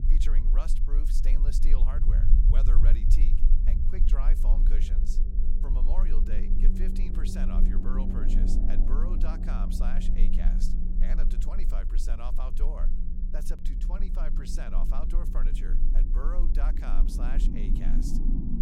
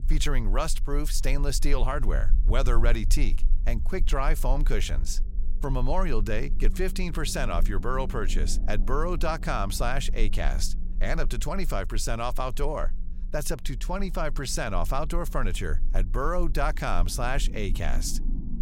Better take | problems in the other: second | low rumble; loud; throughout; 2 dB below the speech; faint in the second

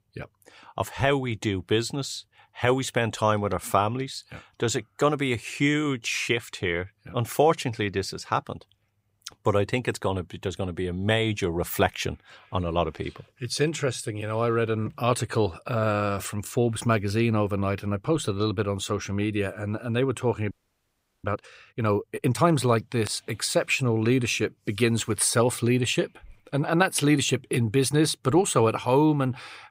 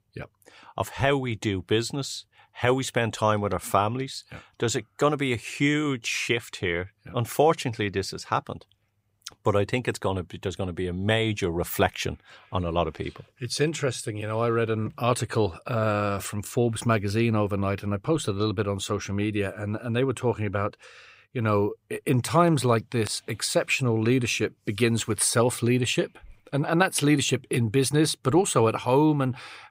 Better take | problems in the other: second | audio freezing; at 21 s for 0.5 s

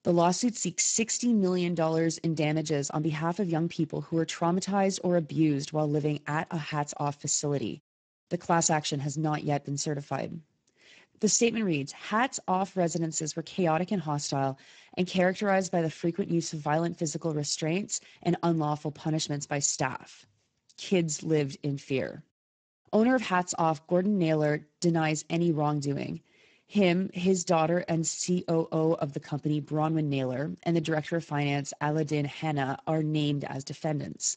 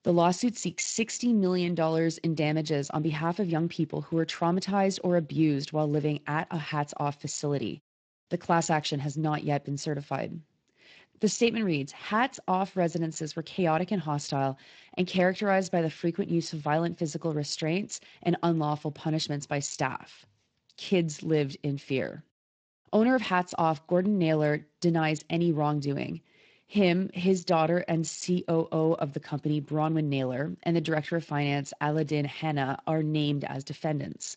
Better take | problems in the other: second | garbled, watery; badly; nothing above 7.5 kHz; slightly in the second

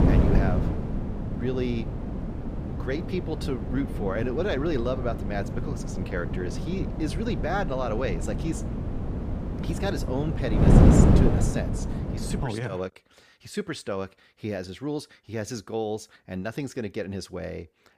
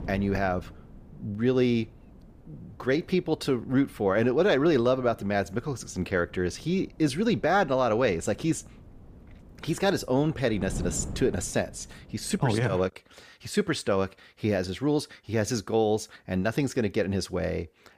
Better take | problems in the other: second | wind noise on the microphone; heavy; until 12 s; 1 dB below the speech; occasional gusts in the second

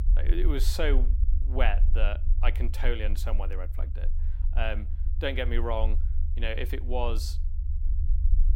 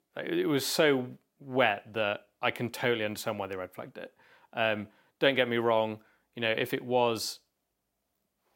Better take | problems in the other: second | low rumble; noticeable; throughout; 15 dB below the speech

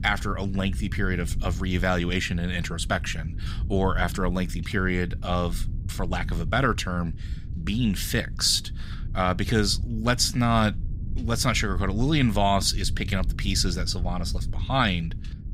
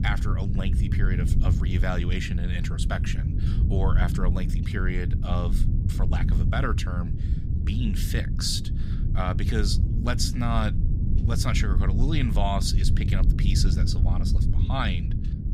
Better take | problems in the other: first | low rumble; loud; throughout; 7 dB below the speech; faint in the first

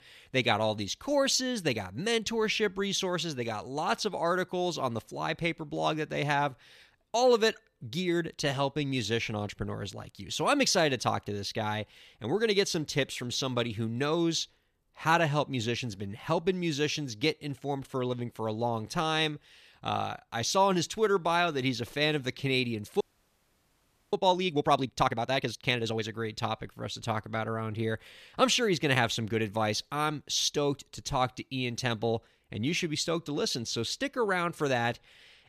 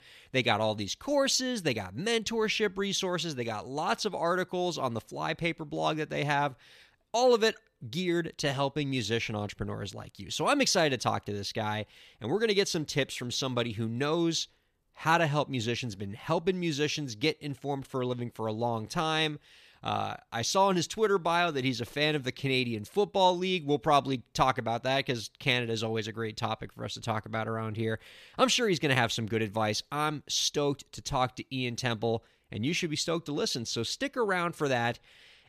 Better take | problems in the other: second | audio freezing; at 23 s for 1 s

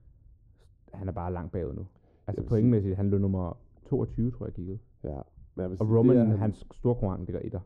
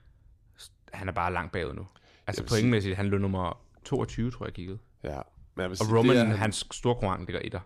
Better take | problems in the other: second | muffled; very; fading above 1 kHz

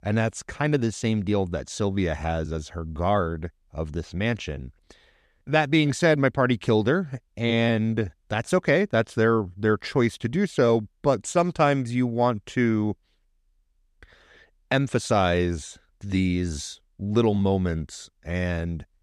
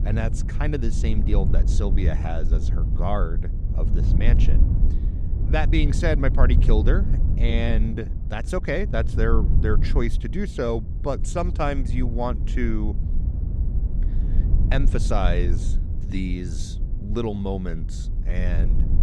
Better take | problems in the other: first | low rumble; noticeable; throughout; 10 dB below the speech

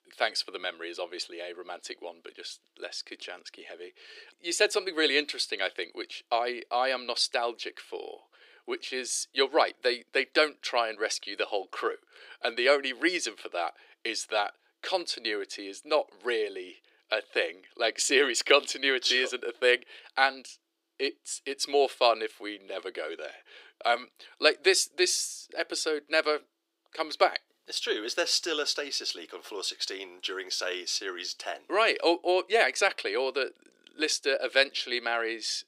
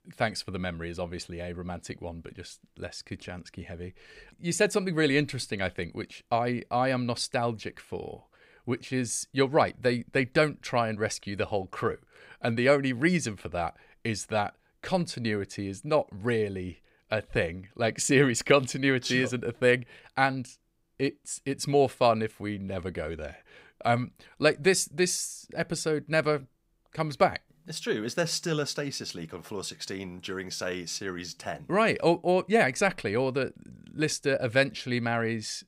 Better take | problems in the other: second | thin; very; fading below 350 Hz

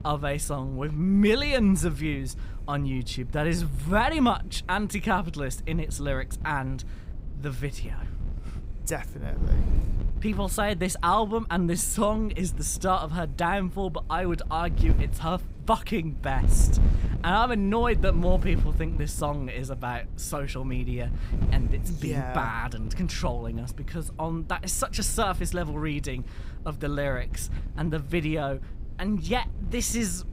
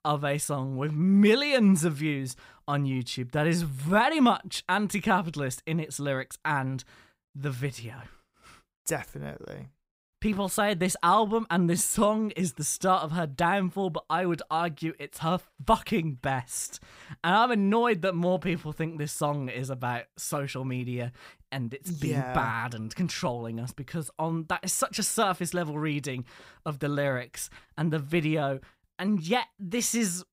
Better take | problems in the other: second | wind noise on the microphone; occasional gusts; 20 dB below the speech

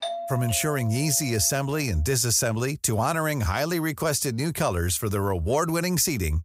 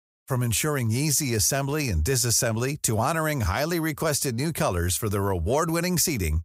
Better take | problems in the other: second | doorbell; noticeable; until 1.5 s; peak 7 dB below the speech

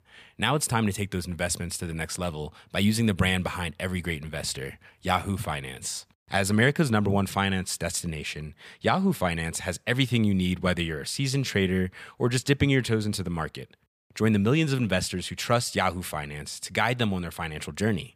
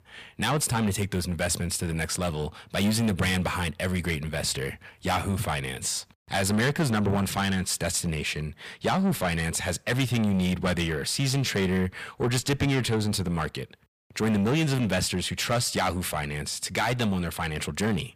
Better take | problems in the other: first | distortion; heavy; 7 dB below the speech

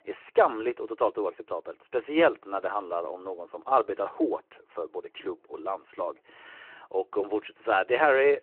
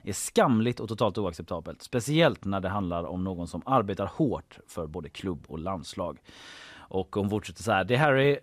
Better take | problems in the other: second | phone-call audio

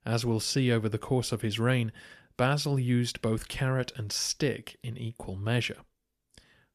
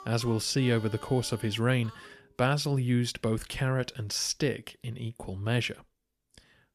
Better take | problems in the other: first | background music; faint; until 2 s; 20 dB below the speech

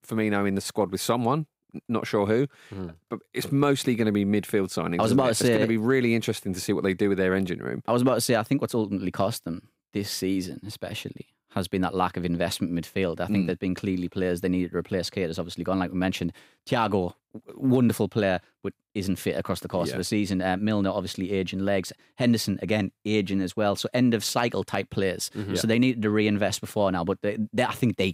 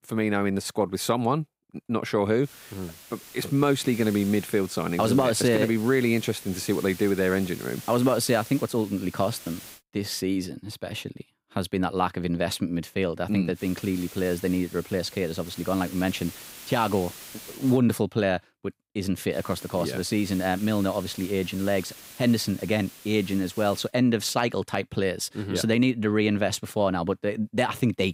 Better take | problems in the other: first | hiss; noticeable; from 2.5 to 10 s, from 14 to 18 s and from 19 to 24 s; 15 dB below the speech

